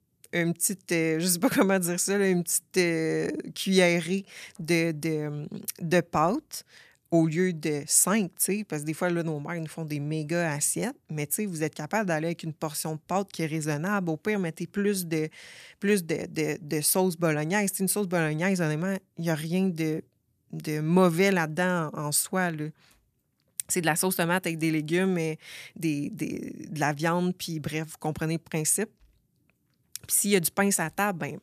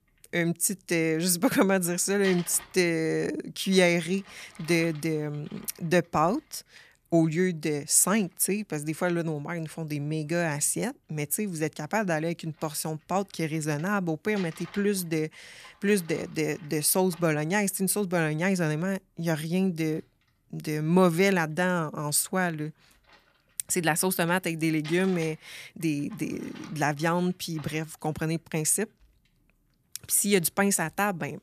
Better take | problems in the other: first | household noises; faint; throughout; 20 dB below the speech

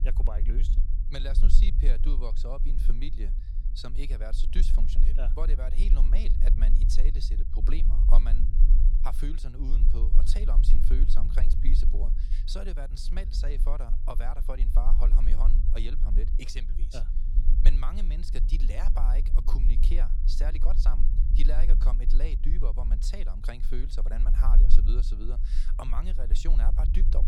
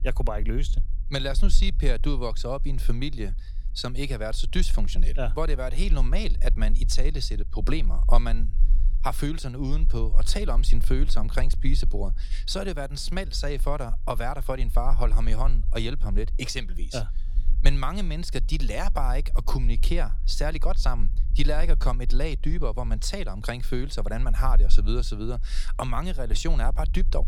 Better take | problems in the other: second | low rumble; loud; throughout; 8 dB below the speech; faint in the second

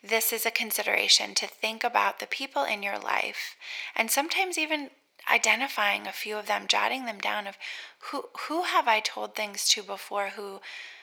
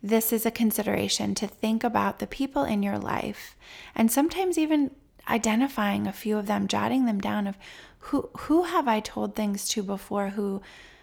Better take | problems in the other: second | thin; very; fading below 700 Hz

